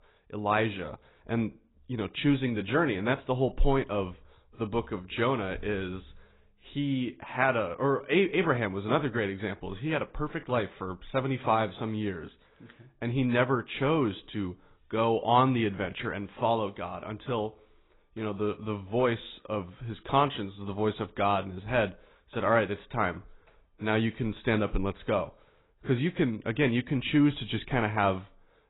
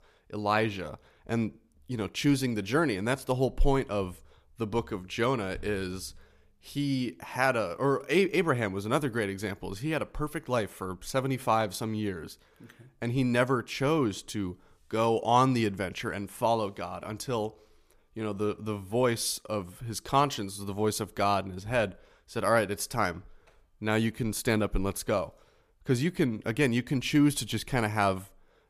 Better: second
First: garbled, watery; badly; nothing above 4 kHz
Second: none

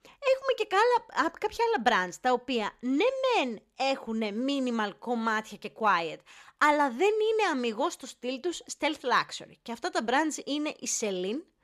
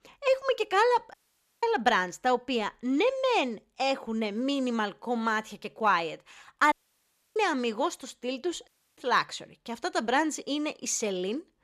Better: first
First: none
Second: audio cutting out; at 1 s, at 6.5 s for 0.5 s and at 8.5 s

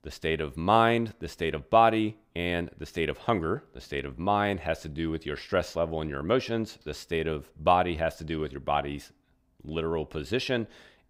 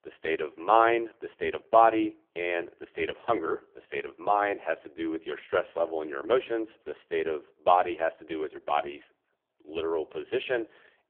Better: first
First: none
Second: phone-call audio; poor line; nothing above 3.5 kHz

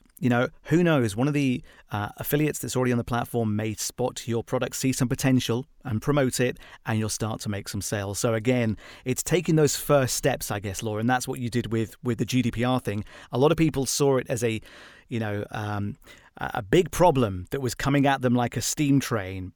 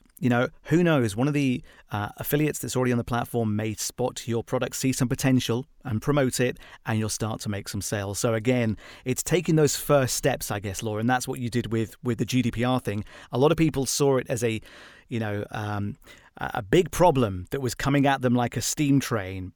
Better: neither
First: none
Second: none

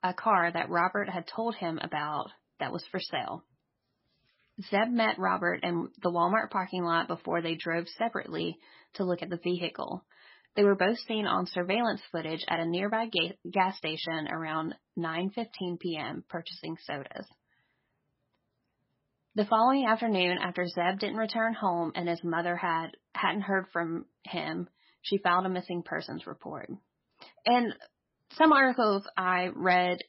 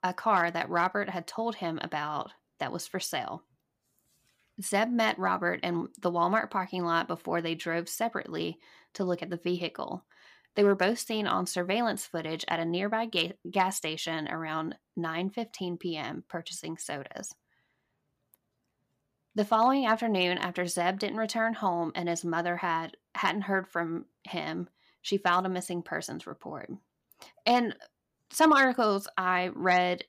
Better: second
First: garbled, watery; badly; nothing above 5.5 kHz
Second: none

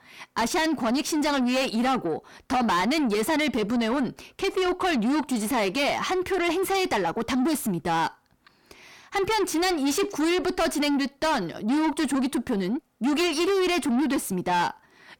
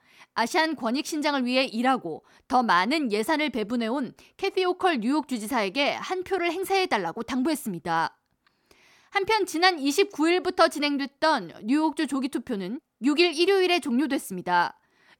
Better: second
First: distortion; heavy; 6 dB below the speech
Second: none

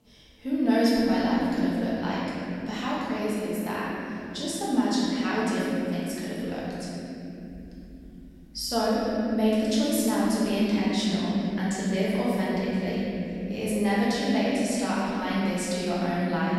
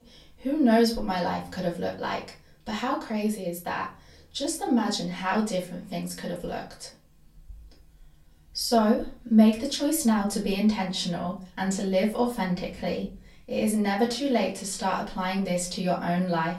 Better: second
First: room echo; strong; dies away in 3 s // off-mic speech; far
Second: room echo; slight; dies away in 0.3 s // off-mic speech; far

